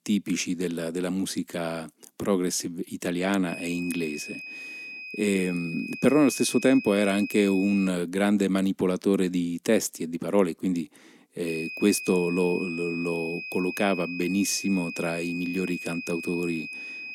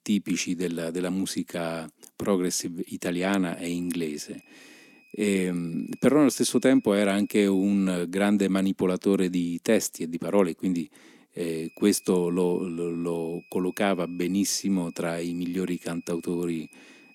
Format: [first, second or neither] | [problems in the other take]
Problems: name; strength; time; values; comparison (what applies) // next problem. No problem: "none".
second | high-pitched whine; loud; from 3.5 to 8 s and from 11 s on; 2.5 kHz, 9 dB below the speech; faint in the second